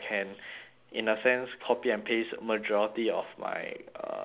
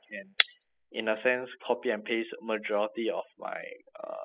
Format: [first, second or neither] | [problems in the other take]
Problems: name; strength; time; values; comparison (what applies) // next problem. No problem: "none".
first | noise reduction (classical method spectral subtraction)